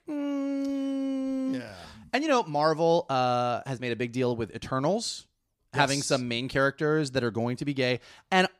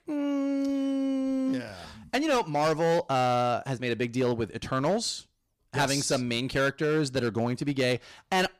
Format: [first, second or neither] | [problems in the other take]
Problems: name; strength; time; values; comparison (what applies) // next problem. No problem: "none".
first | distortion; slight; 7% of the sound clipped